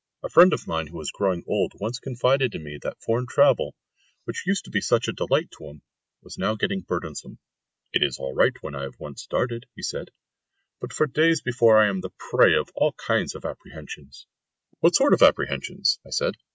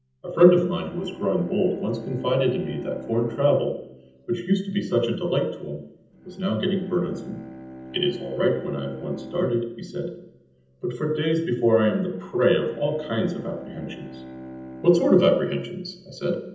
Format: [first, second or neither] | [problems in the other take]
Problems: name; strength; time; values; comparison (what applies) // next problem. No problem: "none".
first | background sound (Bowed string instrument); 17 dB below the speech // room echo; dies away in 0.8 s